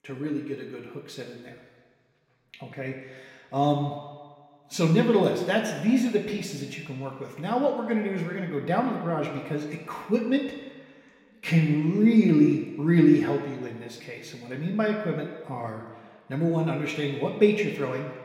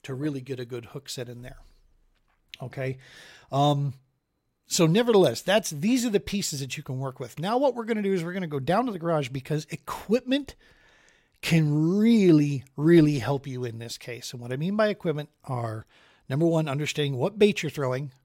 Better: second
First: room echo; noticeable; dies away in 1.7 s // off-mic speech; somewhat distant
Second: none

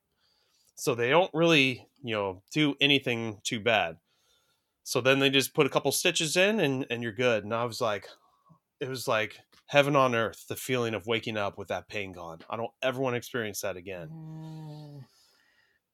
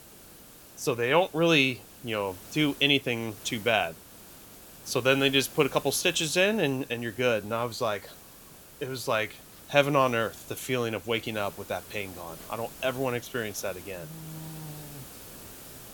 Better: first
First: none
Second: hiss; noticeable; throughout; 20 dB below the speech

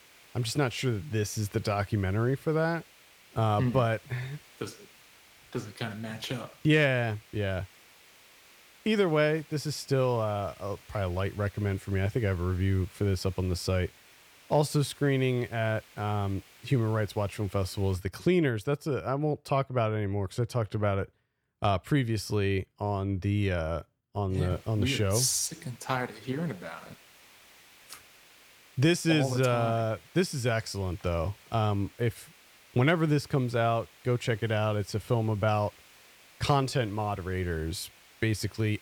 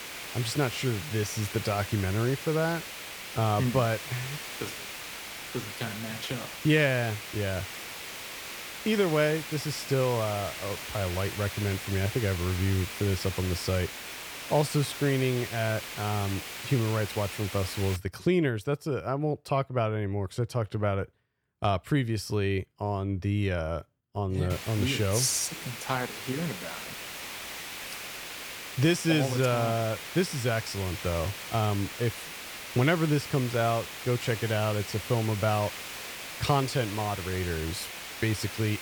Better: first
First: hiss; faint; until 18 s and from 25 s on; 25 dB below the speech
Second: hiss; loud; until 18 s and from 25 s on; 8 dB below the speech

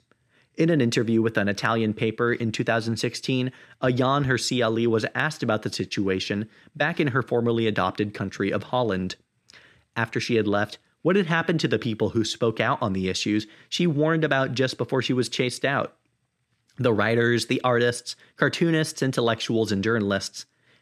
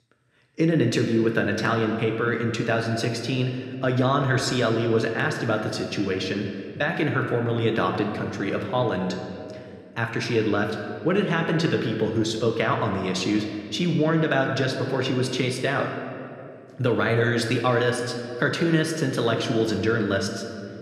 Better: first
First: none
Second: room echo; slight; dies away in 1.9 s

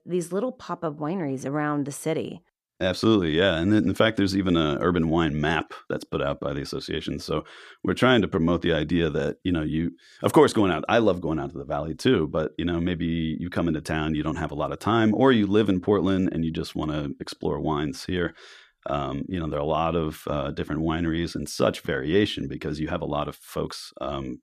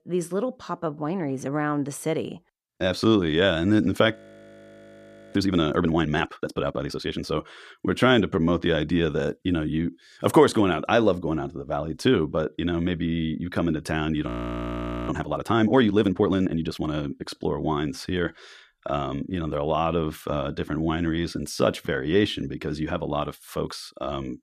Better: first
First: none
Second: audio freezing; at 4 s for 1 s and at 14 s for 1 s

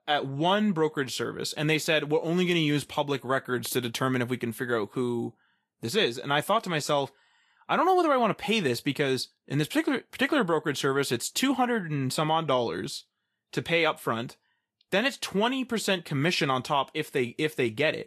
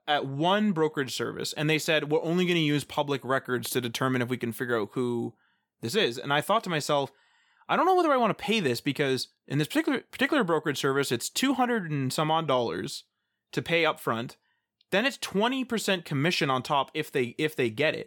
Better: second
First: garbled, watery; slightly; nothing above 13 kHz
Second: none

